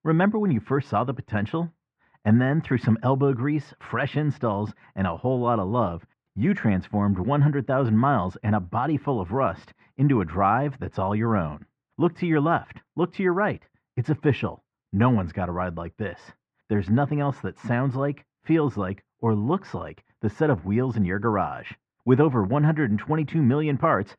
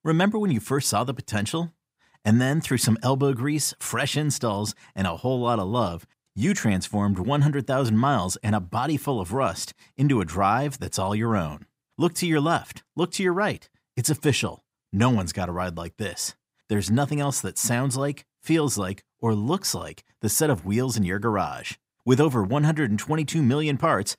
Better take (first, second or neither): second